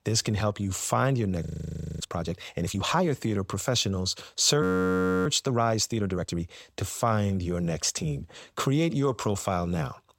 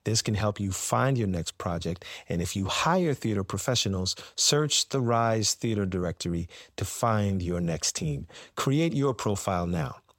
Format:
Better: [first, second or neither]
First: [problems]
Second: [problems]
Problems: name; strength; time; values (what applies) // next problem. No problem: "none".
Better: second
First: audio freezing; at 1.5 s for 0.5 s and at 4.5 s for 0.5 s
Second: none